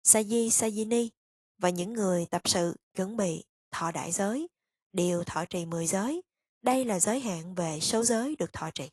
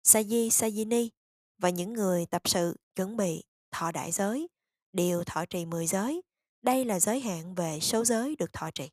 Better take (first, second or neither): second